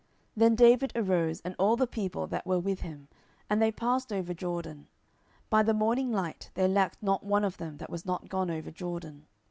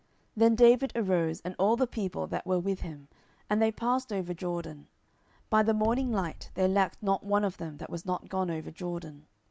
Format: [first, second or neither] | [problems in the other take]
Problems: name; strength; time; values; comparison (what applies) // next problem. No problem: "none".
first | background sound (Bass drum); 14 dB below the speech